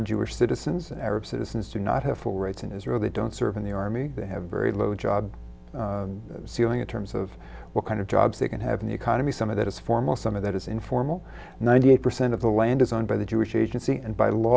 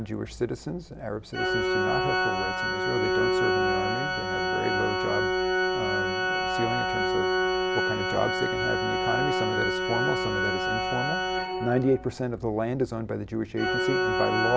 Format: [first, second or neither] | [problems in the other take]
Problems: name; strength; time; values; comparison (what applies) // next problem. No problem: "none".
first | background sound (Organ); 4 dB above the speech